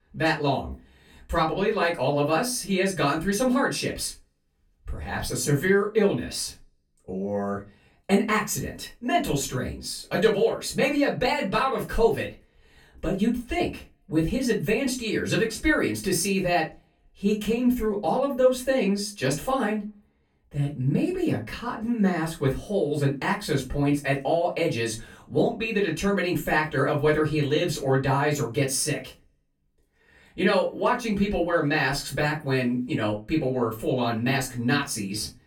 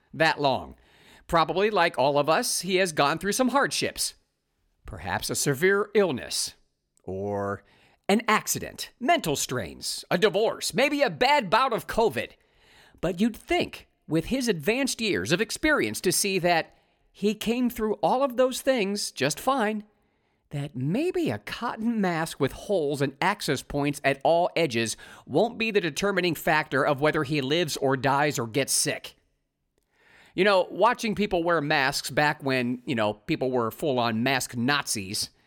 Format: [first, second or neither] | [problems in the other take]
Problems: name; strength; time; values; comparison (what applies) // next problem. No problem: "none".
second | off-mic speech; far // room echo; very slight; dies away in 0.2 s